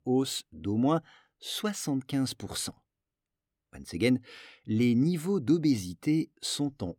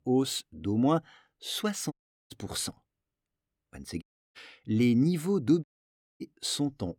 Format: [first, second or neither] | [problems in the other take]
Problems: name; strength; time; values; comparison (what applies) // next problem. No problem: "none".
first | audio cutting out; at 2 s, at 4 s and at 5.5 s for 0.5 s